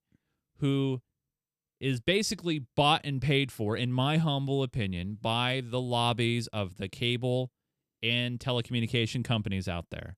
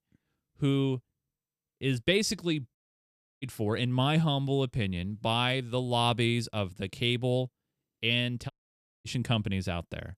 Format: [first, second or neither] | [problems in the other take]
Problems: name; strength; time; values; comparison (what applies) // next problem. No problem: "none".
first | audio cutting out; at 3 s for 0.5 s and at 8.5 s for 0.5 s